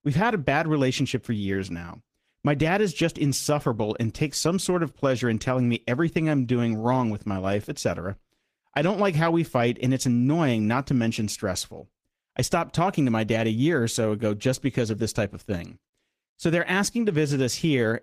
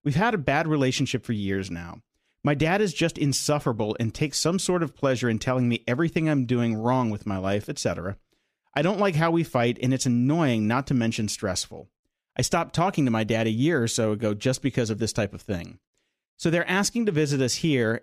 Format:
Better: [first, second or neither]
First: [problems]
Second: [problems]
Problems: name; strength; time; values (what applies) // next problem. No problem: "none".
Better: second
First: garbled, watery; slightly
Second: none